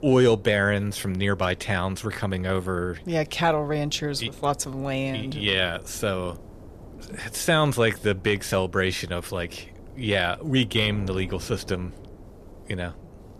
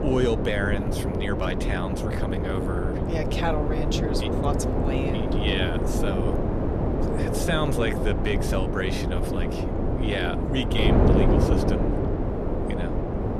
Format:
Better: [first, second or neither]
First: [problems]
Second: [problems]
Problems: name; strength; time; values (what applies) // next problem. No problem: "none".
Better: first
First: wind noise on the microphone; occasional gusts; 25 dB below the speech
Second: wind noise on the microphone; heavy; 1 dB above the speech